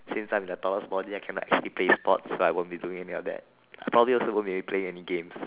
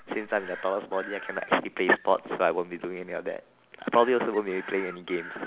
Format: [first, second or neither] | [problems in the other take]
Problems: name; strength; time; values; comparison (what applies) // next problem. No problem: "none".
first | background sound (Chicken, rooster); 17 dB below the speech